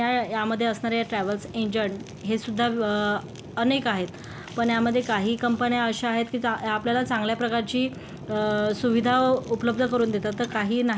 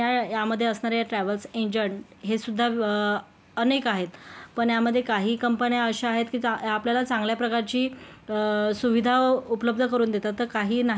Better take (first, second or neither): second